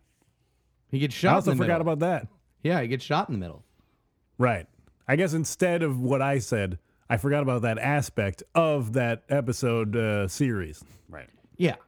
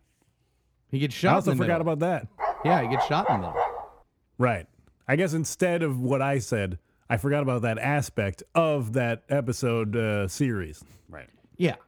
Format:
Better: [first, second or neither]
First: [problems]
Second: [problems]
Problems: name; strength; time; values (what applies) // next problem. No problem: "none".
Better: first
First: none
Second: dog barking; loud; from 2.5 to 4 s; peak 1 dB above the speech